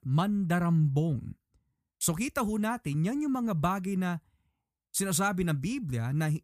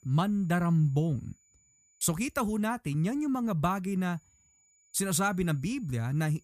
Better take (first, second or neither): first